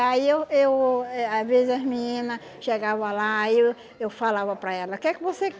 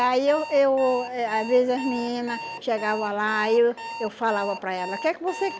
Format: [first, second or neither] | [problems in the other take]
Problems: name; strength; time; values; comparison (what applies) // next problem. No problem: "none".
first | background sound (Alarm); 13 dB below the speech